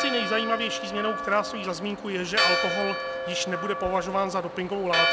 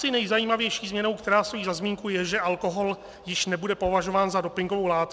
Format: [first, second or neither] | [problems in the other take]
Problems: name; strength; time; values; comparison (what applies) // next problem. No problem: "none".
second | background sound (Church bell); 1 dB below the speech